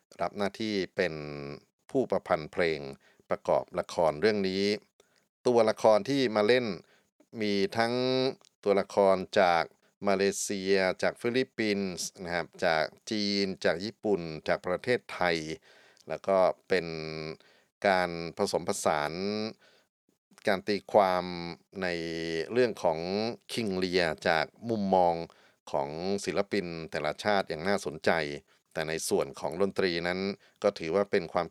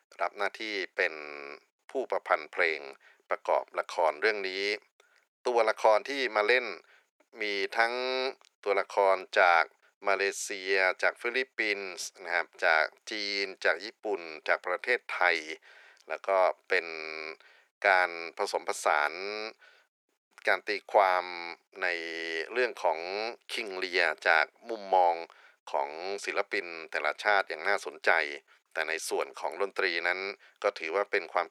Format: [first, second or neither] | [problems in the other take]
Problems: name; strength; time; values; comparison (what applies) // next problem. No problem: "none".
first | thin; very; fading below 350 Hz